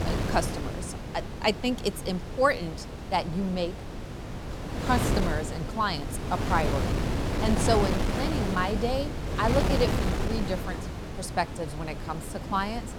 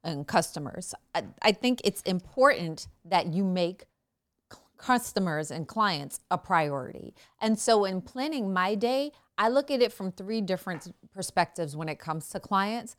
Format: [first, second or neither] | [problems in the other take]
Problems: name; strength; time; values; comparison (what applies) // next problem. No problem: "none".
second | wind noise on the microphone; heavy; 6 dB below the speech